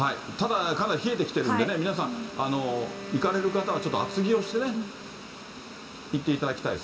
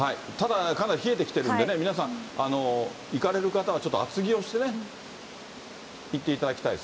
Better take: second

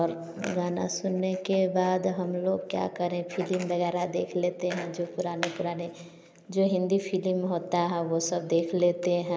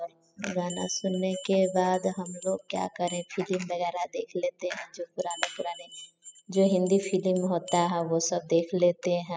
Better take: first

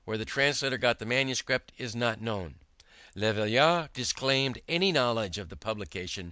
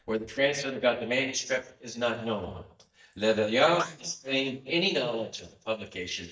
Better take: first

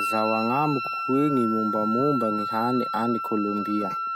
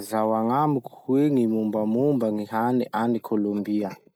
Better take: second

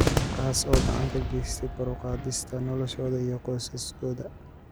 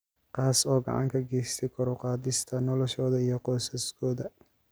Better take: second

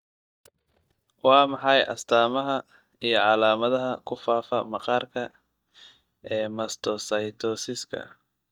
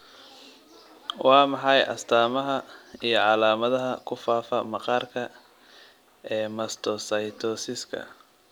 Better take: second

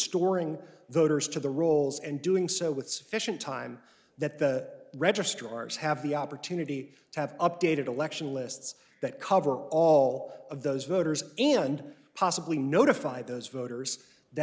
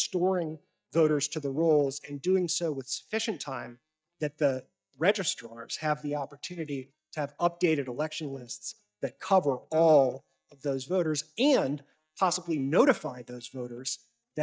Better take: first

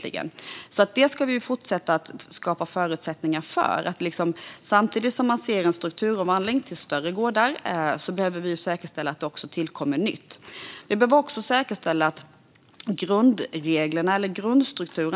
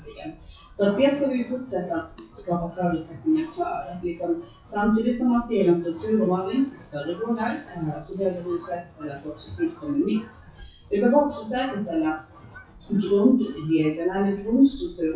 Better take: first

